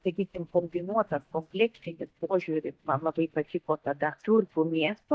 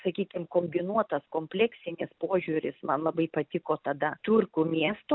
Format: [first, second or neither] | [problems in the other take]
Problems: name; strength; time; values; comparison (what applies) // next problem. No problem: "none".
second | noise reduction (neural mask model DeepFilterNet 3)